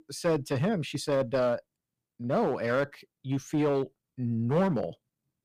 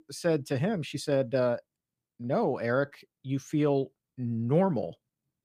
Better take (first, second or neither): second